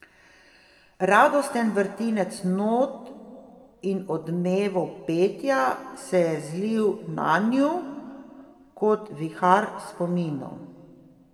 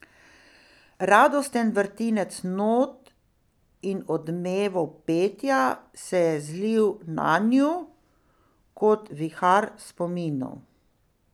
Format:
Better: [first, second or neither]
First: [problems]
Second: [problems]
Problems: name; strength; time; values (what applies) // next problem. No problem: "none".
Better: second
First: room echo; dies away in 1.4 s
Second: none